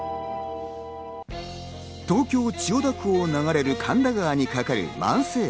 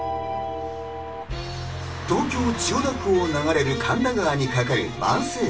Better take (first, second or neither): first